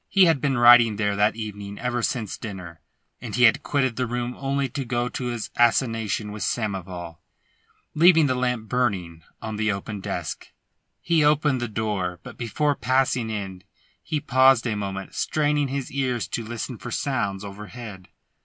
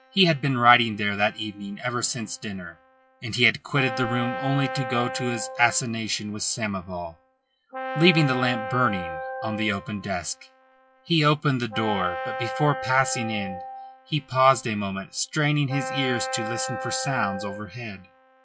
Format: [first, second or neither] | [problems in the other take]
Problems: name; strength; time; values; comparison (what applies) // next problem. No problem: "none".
first | noise reduction (classical method log-MMSE)